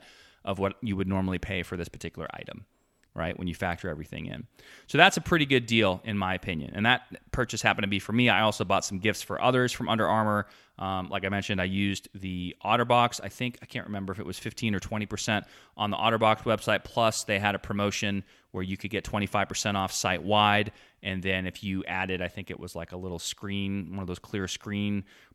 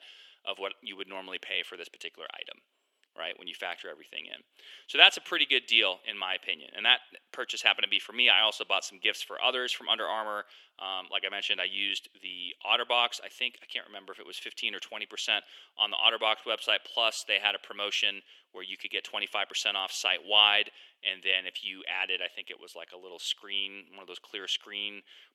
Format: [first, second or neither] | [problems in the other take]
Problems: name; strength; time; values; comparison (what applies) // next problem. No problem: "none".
first | thin; very; fading below 350 Hz